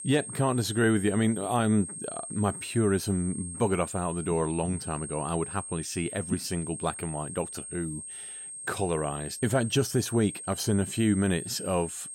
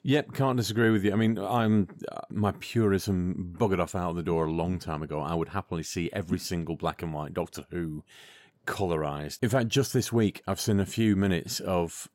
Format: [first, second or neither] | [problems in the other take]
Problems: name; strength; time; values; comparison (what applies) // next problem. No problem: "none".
second | high-pitched whine; loud; throughout; 8.5 kHz, 9 dB below the speech